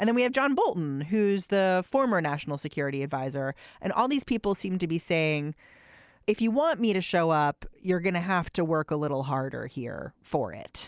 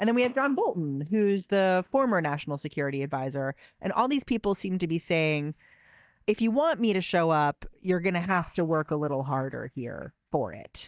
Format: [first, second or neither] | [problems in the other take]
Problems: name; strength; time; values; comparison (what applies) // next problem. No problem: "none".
first | noise reduction (neural mask model DeepFilterNet 3)